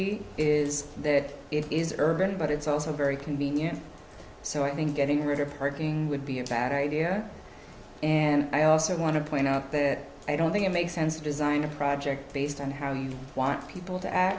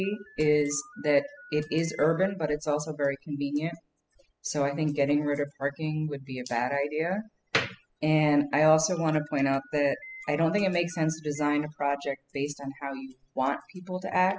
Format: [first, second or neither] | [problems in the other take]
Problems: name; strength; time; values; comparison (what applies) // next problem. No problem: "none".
first | noise reduction (classical method spectral subtraction)